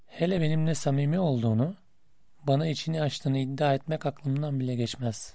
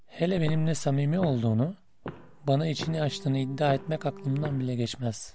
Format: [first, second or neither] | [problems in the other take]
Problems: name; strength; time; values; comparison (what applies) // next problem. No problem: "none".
first | background sound (Walk, footsteps + Bowed string instrument); 15 dB below the speech